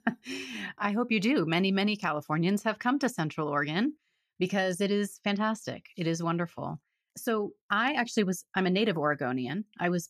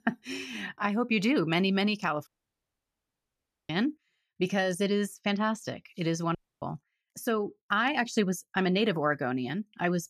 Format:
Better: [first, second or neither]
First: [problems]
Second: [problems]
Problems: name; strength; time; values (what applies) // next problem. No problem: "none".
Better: first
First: none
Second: audio cutting out; at 2.5 s for 1.5 s and at 6.5 s